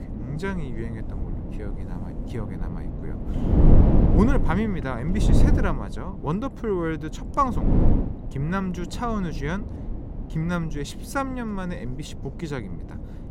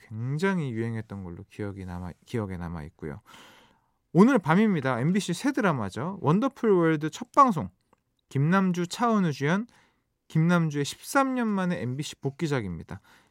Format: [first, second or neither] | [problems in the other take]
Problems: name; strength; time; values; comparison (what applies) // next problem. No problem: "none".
second | wind noise on the microphone; heavy; 5 dB below the speech